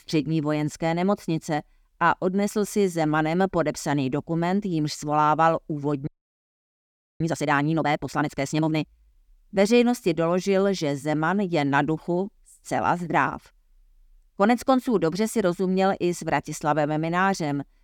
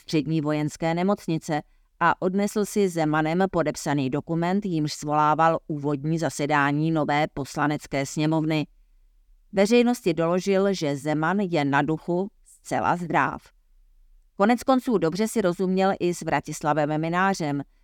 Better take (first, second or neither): second